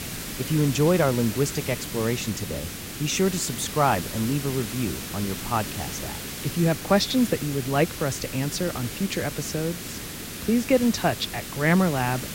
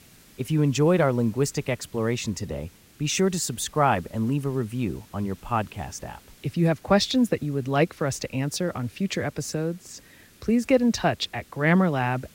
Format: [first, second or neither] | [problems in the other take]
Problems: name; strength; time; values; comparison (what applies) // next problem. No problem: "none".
second | hiss; loud; throughout; 8 dB below the speech; faint in the second